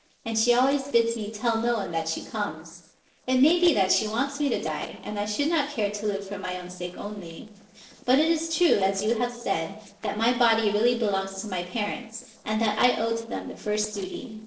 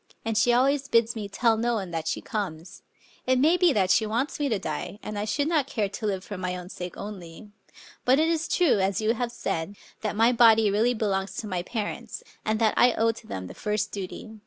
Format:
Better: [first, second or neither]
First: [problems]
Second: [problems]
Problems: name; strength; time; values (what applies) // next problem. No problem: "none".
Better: second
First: noise reduction (neural separator model SepFormer DNS4)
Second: none